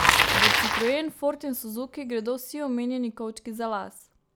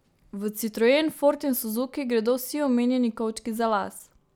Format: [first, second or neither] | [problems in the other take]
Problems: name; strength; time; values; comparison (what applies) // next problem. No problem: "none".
second | background sound (Bicycle); 3 dB above the speech